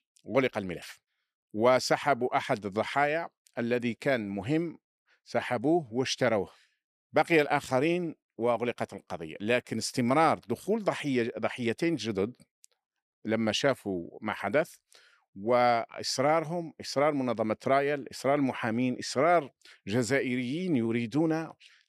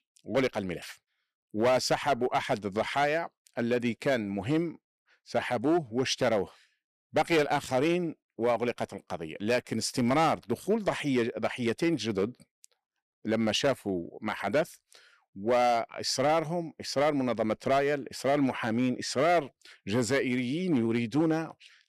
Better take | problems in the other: first | distortion; slight; 4% of the sound clipped

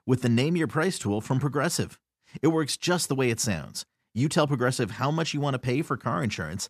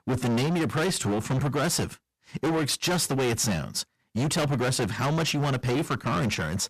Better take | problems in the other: first | distortion; heavy; 28% of the sound clipped

